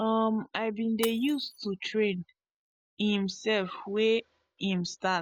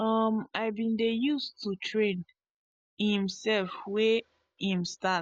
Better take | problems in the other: second | background sound (Shatter); 19 dB below the speech

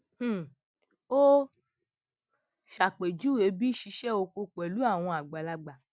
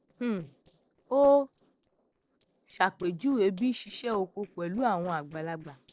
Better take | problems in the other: first | noise reduction (neural separator model SepFormer DNS4)

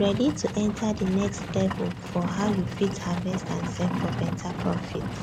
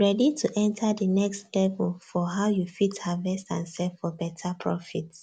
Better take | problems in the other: second | background sound (Livestock, farm animals, working animals); 3 dB below the speech

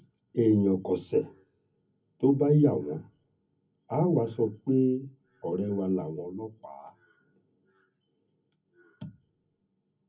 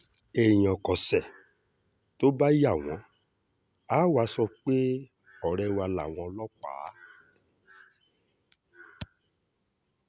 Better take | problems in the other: second | room echo; dies away in 0.3 s

